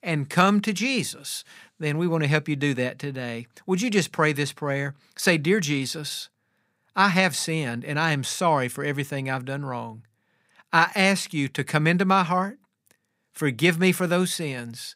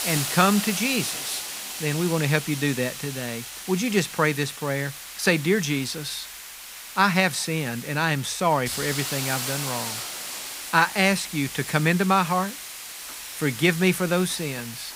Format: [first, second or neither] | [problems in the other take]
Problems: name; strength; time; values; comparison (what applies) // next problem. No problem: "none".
first | hiss; loud; throughout; 8 dB below the speech